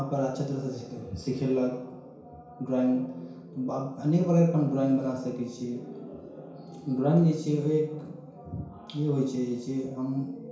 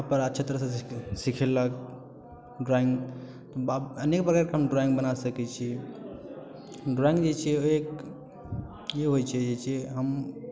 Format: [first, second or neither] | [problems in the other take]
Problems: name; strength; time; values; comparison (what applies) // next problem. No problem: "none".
second | room echo; dies away in 0.6 s